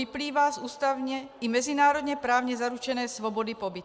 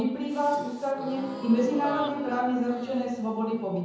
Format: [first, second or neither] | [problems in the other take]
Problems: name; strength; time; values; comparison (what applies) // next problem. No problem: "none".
first | background sound (Gasp); 12 dB below the speech // room echo; dies away in 0.9 s